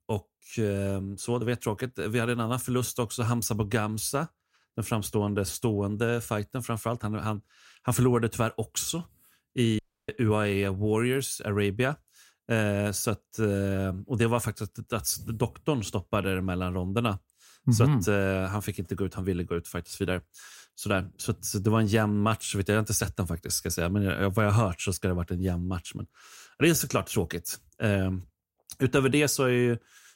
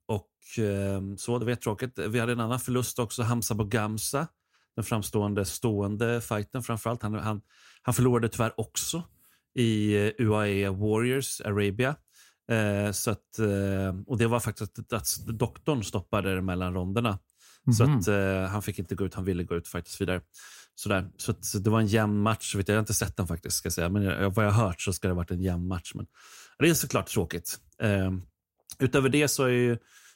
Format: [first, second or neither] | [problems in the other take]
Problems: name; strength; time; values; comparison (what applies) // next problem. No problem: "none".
second | audio cutting out; at 10 s